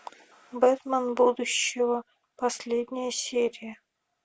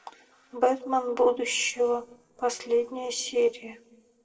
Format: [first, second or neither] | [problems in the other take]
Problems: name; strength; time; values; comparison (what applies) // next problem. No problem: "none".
first | noise reduction (neural separator model SepFormer DNS4)